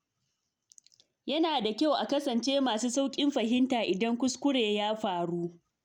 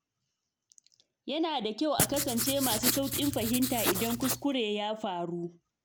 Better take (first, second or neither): first